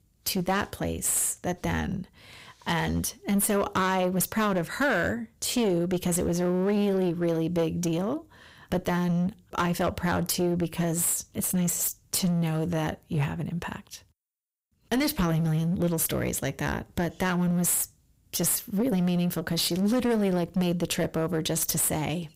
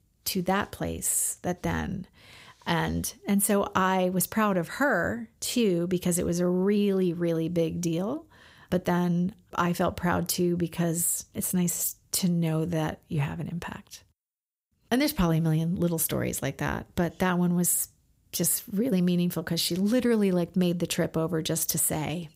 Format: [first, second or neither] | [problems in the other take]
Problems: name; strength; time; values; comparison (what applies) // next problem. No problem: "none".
second | distortion; slight; 11% of the sound clipped